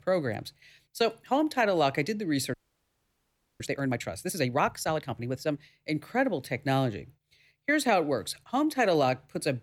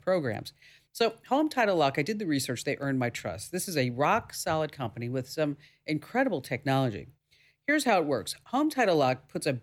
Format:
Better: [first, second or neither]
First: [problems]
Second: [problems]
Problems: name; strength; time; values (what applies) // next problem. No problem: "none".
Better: second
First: audio freezing; at 2.5 s for 1 s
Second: none